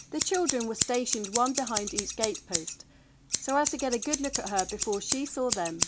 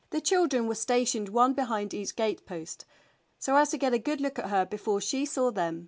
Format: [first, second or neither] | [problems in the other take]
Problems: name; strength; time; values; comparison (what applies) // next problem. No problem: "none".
second | background sound (Scissors); 2 dB below the speech